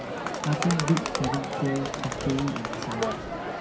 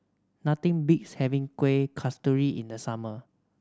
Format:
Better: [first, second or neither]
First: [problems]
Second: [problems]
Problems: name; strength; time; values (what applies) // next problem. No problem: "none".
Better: second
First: background sound (Crowd); 1 dB below the speech // room echo; dies away in 0.3 s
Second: none